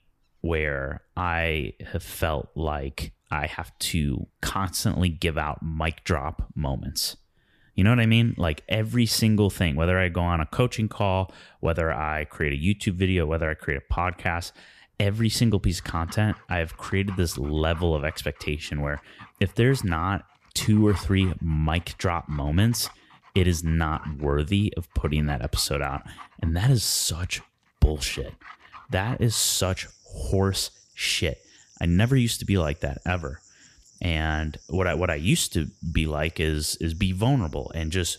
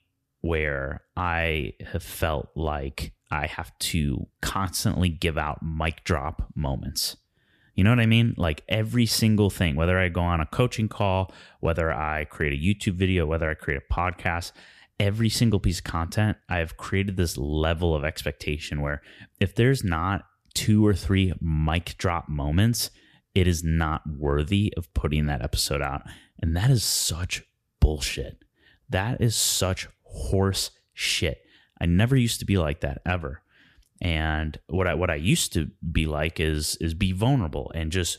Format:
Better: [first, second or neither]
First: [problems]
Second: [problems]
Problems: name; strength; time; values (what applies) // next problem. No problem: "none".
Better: second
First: animal sounds; faint; throughout; 25 dB below the speech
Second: none